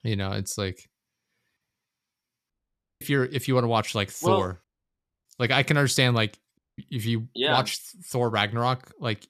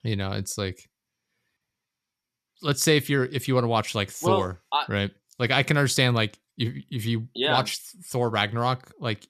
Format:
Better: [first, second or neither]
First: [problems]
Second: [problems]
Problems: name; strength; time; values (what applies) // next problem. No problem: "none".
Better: second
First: audio cutting out; at 2.5 s for 0.5 s, at 4.5 s for 0.5 s and at 6.5 s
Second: none